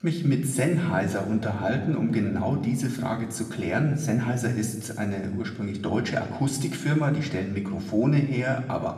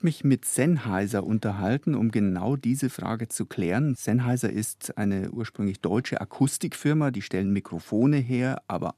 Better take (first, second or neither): second